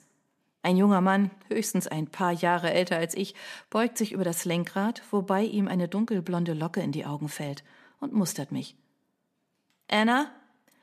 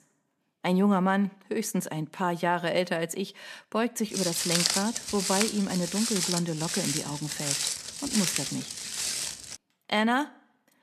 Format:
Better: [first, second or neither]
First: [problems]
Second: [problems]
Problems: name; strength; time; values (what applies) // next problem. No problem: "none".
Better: first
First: none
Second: footsteps; loud; from 4 to 9.5 s; peak 5 dB above the speech